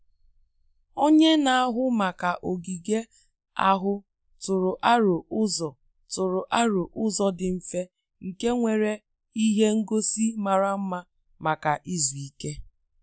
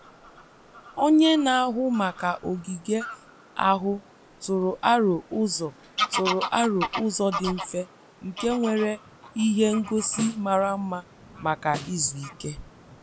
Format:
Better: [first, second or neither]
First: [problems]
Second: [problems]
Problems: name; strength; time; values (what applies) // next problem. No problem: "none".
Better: first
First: none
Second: background sound (Bird vocalization, bird call, bird song / Fowl + Snare drum); 11 dB below the speech